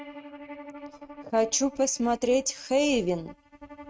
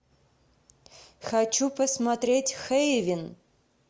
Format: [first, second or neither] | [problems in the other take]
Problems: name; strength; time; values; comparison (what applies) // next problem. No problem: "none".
second | noise reduction (neural mask model RNNoise)